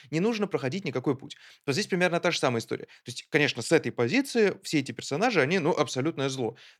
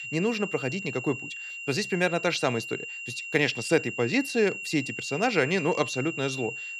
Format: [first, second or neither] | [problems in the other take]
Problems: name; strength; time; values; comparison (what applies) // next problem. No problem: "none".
first | high-pitched whine; loud; throughout; 3 kHz, 7 dB below the speech